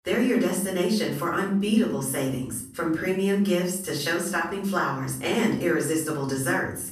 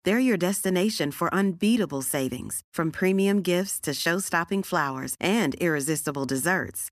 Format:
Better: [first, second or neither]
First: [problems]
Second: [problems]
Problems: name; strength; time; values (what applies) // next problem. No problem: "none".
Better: second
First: off-mic speech; far // room echo; slight; dies away in 0.5 s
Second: none